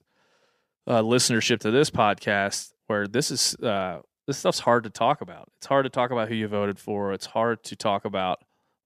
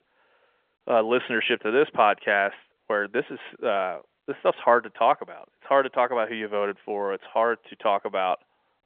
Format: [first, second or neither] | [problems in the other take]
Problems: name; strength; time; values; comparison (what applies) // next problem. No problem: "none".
first | phone-call audio; nothing above 3.5 kHz